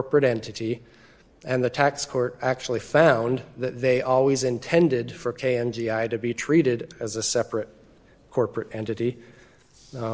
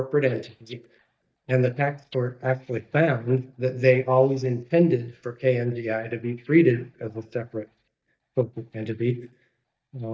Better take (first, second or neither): first